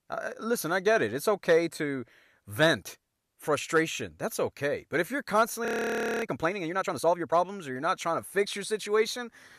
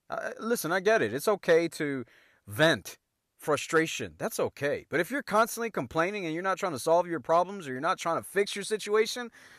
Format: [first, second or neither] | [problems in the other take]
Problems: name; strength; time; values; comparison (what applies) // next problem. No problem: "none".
second | audio freezing; at 5.5 s for 0.5 s